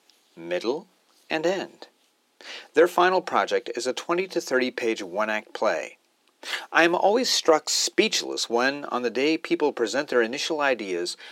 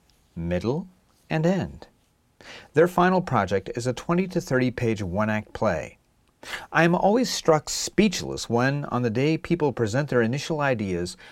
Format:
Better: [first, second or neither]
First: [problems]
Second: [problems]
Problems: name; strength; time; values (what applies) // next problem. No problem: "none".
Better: second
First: thin; somewhat; fading below 300 Hz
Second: none